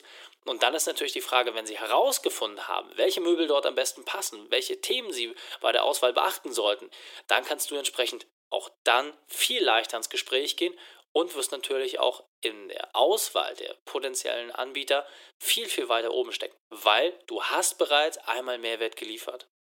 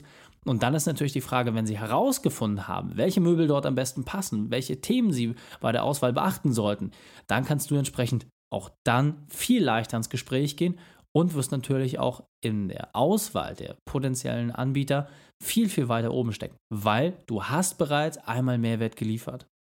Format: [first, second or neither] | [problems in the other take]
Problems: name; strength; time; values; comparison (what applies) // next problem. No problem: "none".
second | thin; very; fading below 350 Hz